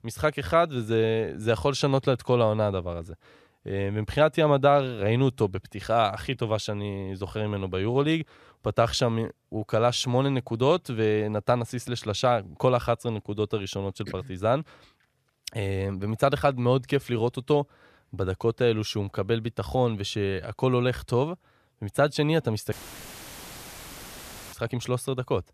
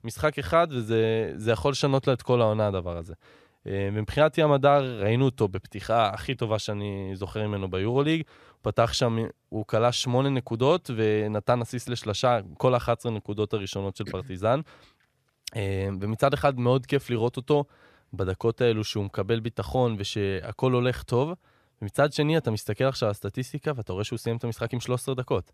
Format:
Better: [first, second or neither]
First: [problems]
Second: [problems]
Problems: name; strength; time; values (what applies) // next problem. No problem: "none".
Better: second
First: audio cutting out; filled with static; at 23 s for 2 s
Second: none